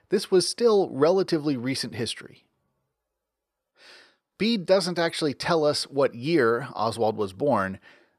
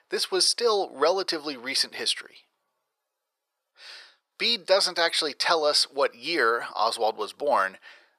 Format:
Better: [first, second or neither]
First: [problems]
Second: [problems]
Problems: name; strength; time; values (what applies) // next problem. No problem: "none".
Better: first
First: none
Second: thin; very; fading below 700 Hz